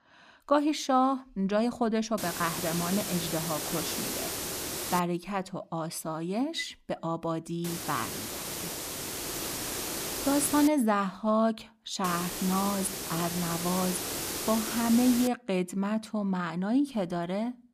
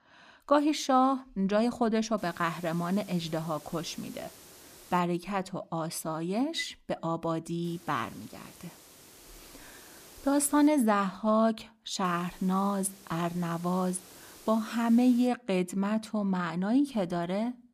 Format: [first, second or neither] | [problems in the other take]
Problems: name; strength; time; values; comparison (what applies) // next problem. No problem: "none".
second | hiss; loud; from 2 to 5 s, from 7.5 to 11 s and from 12 to 15 s; 4 dB below the speech; faint in the second